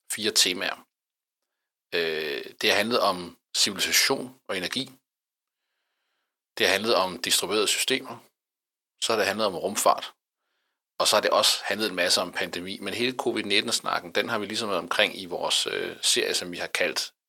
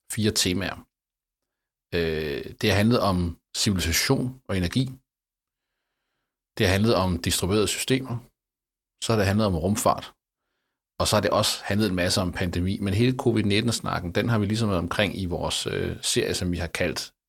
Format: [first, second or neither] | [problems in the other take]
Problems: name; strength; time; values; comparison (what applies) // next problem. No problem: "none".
second | thin; somewhat; fading below 450 Hz